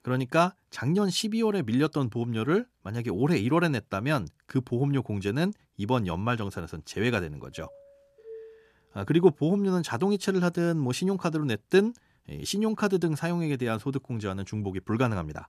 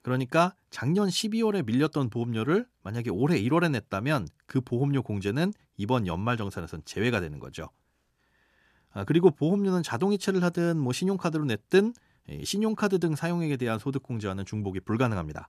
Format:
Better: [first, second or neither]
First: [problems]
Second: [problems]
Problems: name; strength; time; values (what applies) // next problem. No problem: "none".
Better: second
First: doorbell; faint; from 7.5 to 8.5 s; peak 15 dB below the speech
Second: none